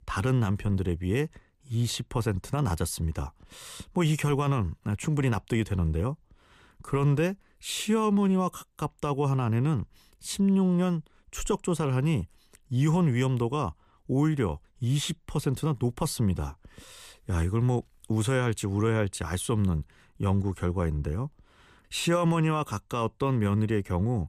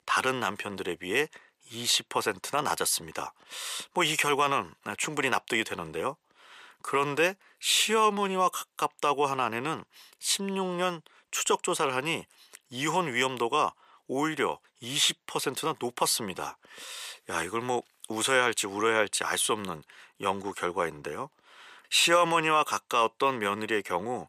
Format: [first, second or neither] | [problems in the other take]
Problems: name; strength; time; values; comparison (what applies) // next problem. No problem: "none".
first | thin; very; fading below 550 Hz